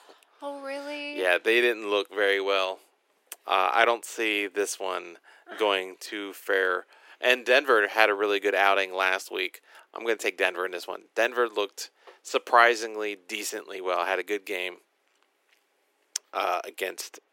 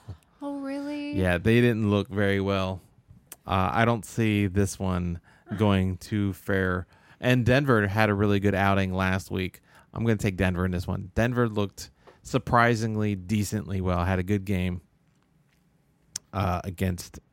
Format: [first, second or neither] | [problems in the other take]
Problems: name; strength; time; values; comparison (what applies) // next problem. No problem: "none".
second | thin; very; fading below 350 Hz